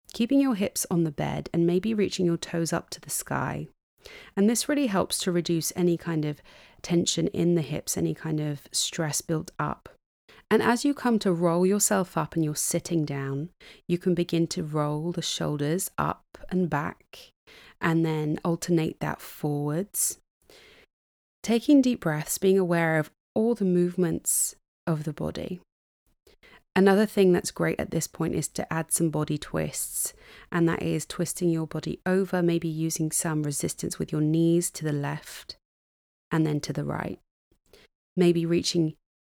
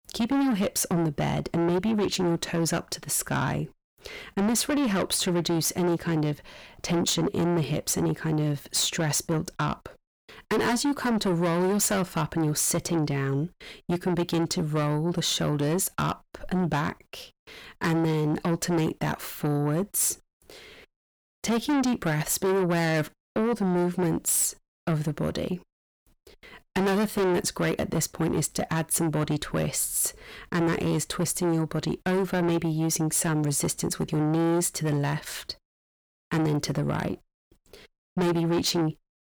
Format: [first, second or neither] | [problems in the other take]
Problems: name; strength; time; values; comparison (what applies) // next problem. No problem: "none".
first | distortion; heavy; 6 dB below the speech